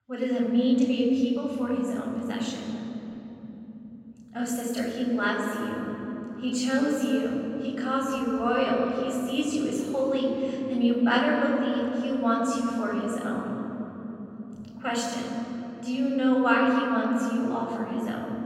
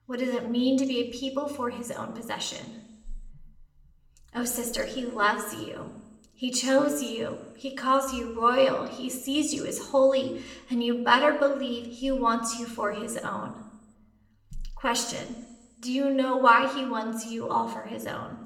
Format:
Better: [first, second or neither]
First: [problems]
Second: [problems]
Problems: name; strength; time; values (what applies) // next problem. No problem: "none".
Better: second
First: room echo; strong; dies away in 3 s // off-mic speech; far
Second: room echo; slight; dies away in 0.8 s